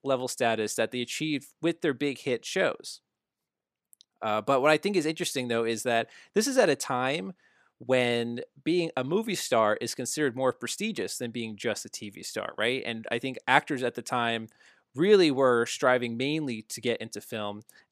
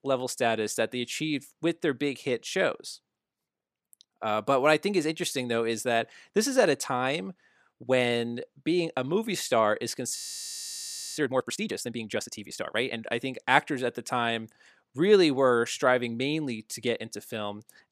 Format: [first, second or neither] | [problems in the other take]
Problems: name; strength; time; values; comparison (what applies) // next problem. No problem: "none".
first | audio freezing; at 10 s for 1 s